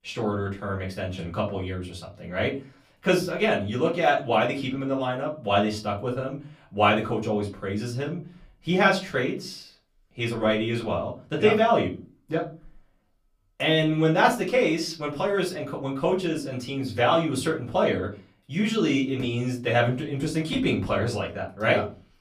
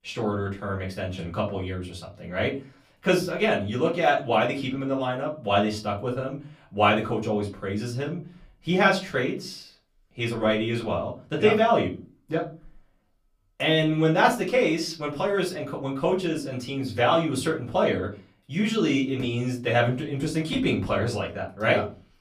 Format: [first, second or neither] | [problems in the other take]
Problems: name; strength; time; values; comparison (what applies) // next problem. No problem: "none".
neither | off-mic speech; far; the same in both // room echo; very slight; dies away in 0.3 s; the same in both